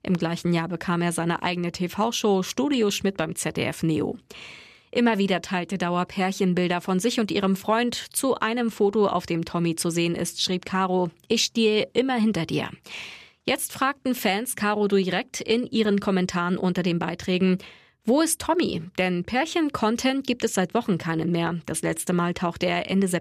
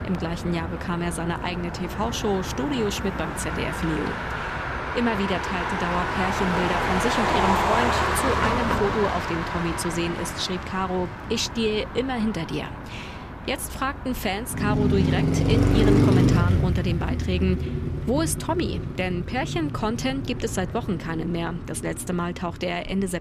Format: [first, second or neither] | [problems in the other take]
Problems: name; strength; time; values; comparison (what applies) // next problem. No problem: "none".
first | traffic noise; very loud; throughout; 1 dB above the speech